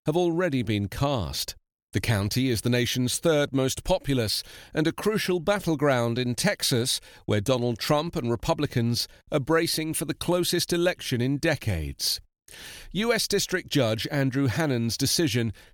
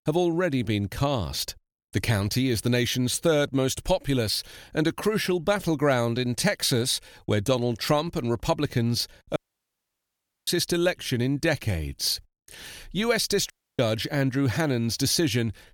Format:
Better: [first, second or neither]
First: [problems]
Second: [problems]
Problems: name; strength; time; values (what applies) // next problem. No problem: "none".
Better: first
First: none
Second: audio cutting out; at 9.5 s for 1 s and at 14 s